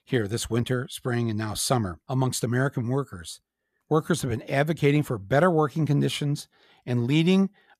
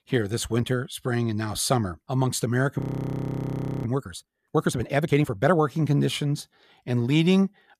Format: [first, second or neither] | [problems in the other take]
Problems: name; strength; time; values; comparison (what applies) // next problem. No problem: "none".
first | audio freezing; at 3 s for 1 s